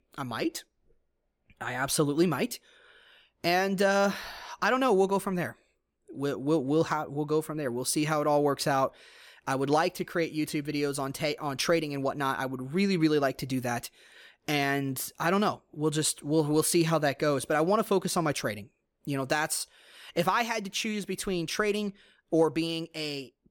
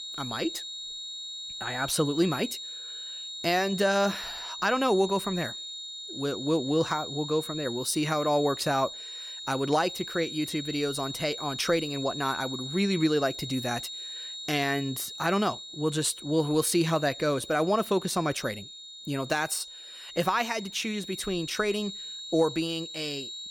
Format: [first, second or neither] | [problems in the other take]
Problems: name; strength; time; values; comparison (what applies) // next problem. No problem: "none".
first | high-pitched whine; loud; throughout; 4 kHz, 9 dB below the speech